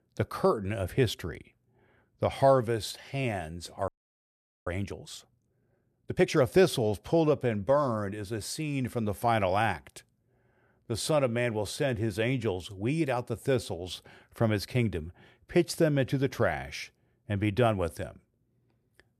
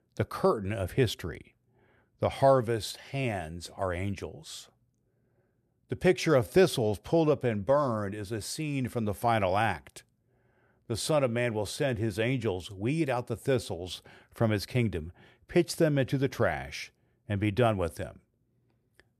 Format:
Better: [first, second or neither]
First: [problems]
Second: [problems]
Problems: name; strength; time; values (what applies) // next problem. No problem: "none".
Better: second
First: audio freezing; at 4 s for 1 s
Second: none